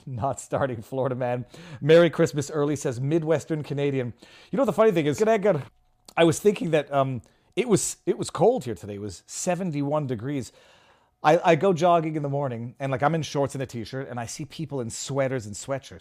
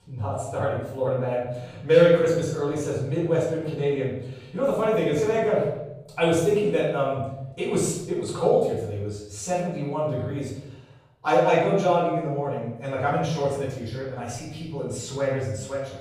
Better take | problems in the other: first | off-mic speech; far // room echo; noticeable; dies away in 0.8 s

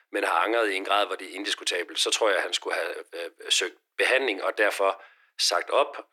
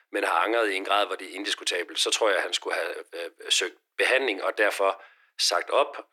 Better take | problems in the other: neither | thin; very; fading below 300 Hz; the same in both

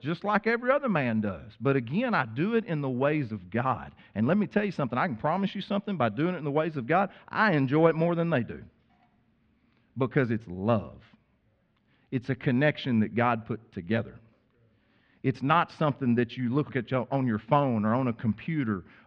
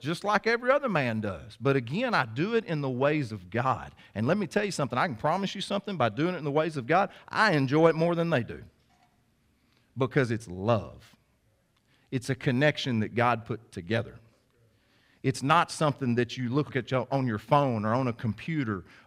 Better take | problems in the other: second | muffled; slightly; fading above 3 kHz

